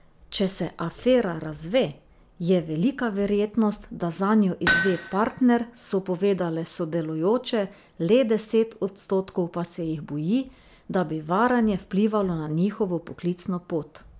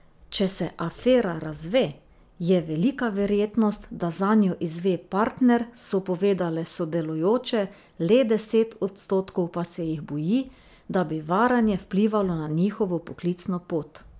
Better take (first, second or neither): second